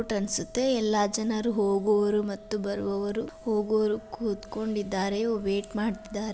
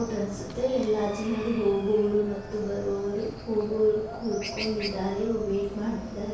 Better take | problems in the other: first | background sound (Chicken, rooster); 12 dB below the speech // room echo; dies away in 0.6 s

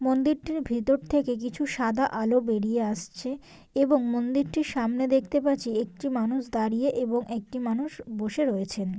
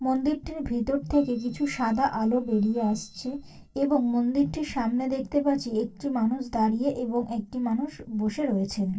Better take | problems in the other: first | noise reduction (neural separator model SepFormer DNS4)

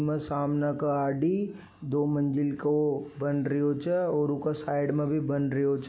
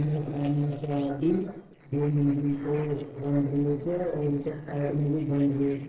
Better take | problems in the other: first | noise reduction (neural separator model SepFormer DNS4)

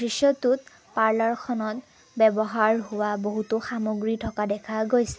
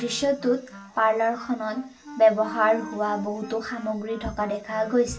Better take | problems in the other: first | background sound (Wind instrument, woodwind instrument); 17 dB below the speech // room echo; dies away in 0.3 s

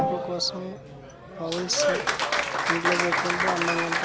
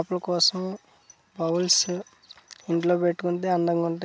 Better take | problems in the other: second | background sound (Applause); 4 dB above the speech

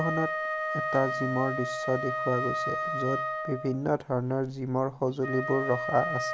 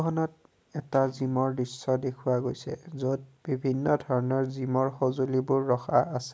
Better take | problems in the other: second | background sound (Wind instrument, woodwind instrument); 3 dB below the speech

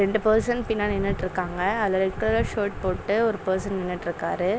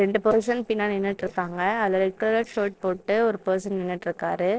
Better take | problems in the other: first | noise reduction (neural separator model SepFormer DNS4)

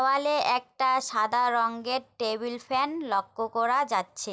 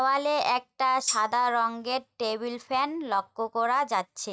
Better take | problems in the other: first | noise reduction (neural mask model RNNoise)

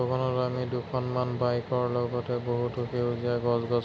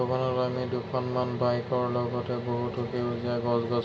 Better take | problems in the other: first | room echo; dies away in 1.7 s

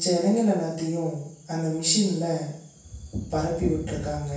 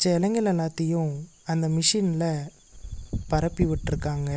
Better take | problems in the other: second | room echo; dies away in 0.7 s

